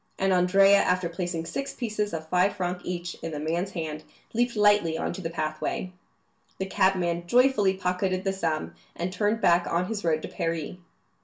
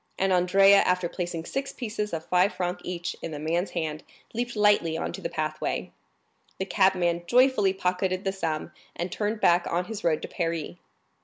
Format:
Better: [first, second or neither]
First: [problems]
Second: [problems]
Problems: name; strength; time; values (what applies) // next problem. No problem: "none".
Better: second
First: room echo; dies away in 0.2 s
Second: none